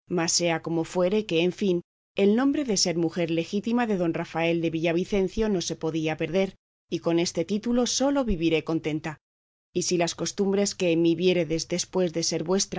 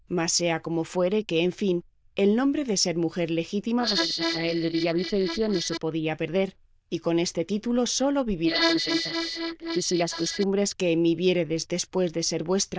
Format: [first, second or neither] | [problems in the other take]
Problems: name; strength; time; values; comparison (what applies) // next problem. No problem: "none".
first | noise reduction (neural diffusion model UNIVERSE++)